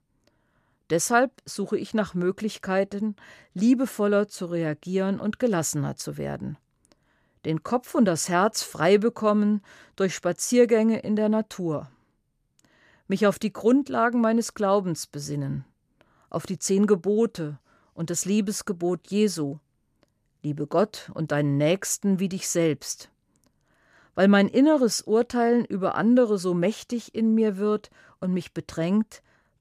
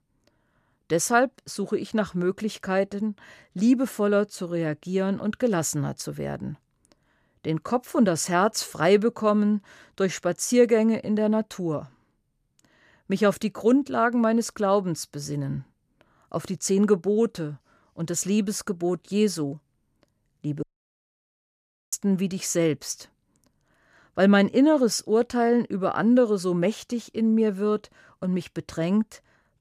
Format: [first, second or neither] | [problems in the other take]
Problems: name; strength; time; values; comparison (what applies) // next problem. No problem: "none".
first | audio cutting out; at 21 s for 1.5 s